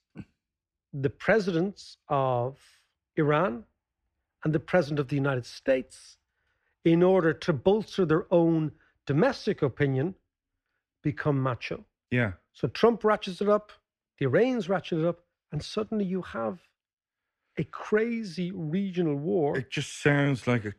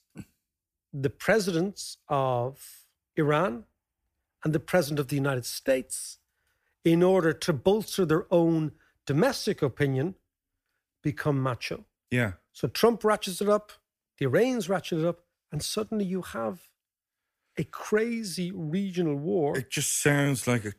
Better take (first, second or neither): second